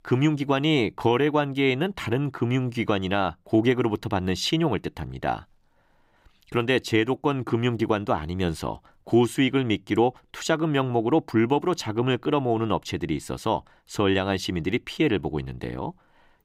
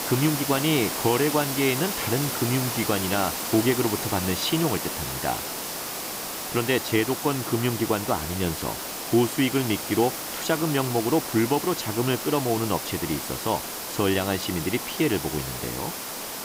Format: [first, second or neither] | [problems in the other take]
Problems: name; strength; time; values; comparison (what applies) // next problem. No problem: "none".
first | hiss; loud; throughout; 4 dB below the speech